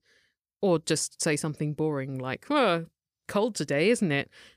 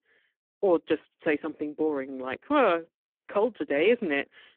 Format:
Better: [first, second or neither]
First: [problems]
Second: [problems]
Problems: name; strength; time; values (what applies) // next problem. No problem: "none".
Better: first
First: none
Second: phone-call audio; poor line